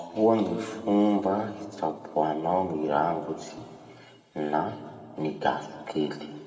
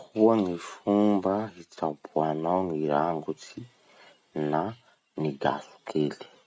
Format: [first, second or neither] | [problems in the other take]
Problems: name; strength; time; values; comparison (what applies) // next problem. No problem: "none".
second | room echo; dies away in 1.7 s